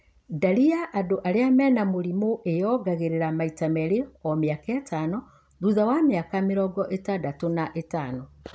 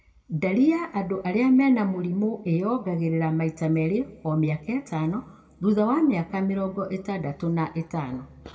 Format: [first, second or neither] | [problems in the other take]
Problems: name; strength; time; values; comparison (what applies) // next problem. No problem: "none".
first | room echo; dies away in 1.2 s